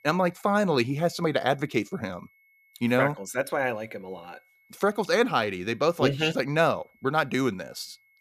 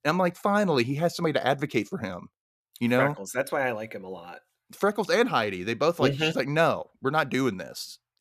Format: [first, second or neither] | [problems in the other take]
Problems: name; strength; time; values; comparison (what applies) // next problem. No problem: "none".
second | high-pitched whine; faint; throughout; 2 kHz, 35 dB below the speech